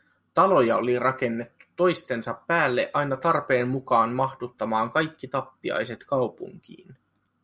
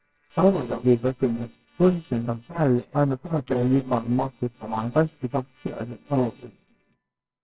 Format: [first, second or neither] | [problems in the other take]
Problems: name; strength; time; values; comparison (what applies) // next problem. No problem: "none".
first | noise reduction (neural separator model SepFormer WHAMR!)